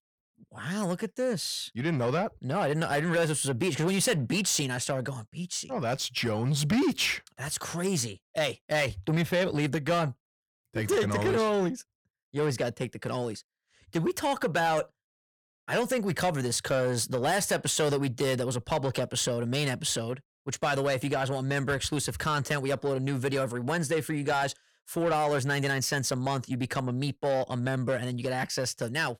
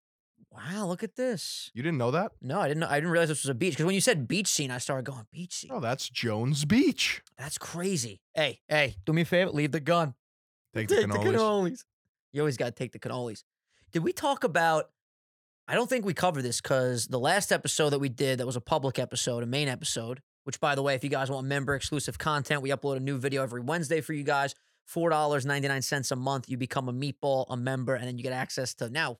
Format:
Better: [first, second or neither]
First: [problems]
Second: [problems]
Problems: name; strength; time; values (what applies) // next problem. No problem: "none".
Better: second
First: distortion; slight; 10 dB below the speech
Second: none